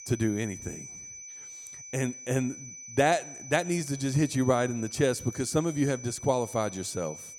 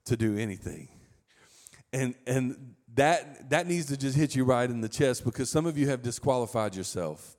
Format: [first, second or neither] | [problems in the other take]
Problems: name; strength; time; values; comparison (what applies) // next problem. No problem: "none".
second | high-pitched whine; noticeable; throughout; 6 kHz, 15 dB below the speech